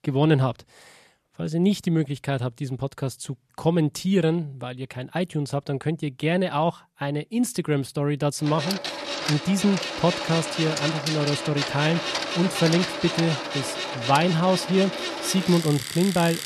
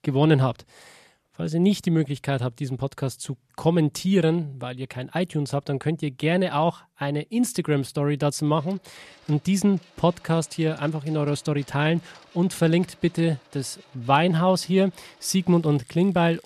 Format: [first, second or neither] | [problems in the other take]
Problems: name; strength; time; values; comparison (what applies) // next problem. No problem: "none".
second | household noises; loud; from 8.5 s on; 4 dB below the speech; faint in the second